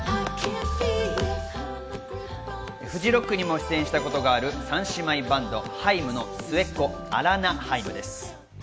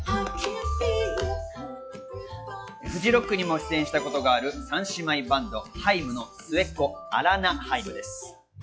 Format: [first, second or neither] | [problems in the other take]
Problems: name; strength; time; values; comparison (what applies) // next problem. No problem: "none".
first | noise reduction (classical method log-MMSE)